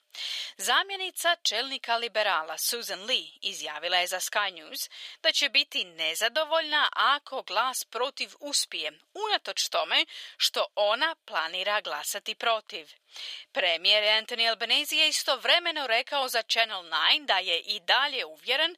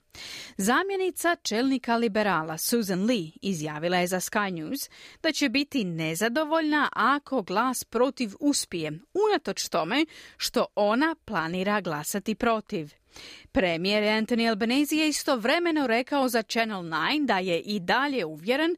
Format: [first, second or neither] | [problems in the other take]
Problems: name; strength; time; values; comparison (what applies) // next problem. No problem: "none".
second | thin; very; fading below 900 Hz